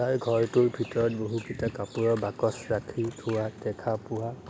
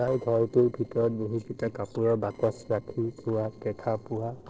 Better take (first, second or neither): first